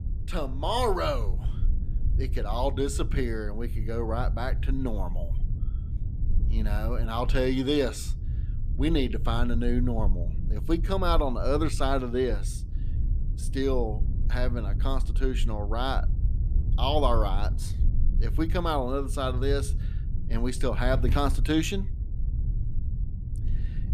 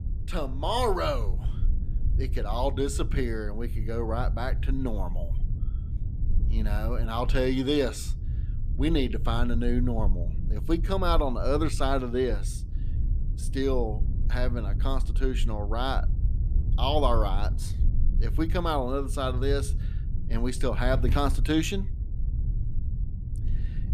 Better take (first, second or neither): neither